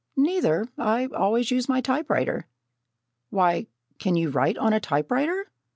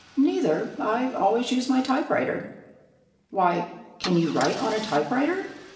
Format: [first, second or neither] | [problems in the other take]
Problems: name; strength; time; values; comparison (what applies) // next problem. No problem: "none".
first | background sound (Idling / Engine starting / Car); 18 dB below the speech // room echo; dies away in 1 s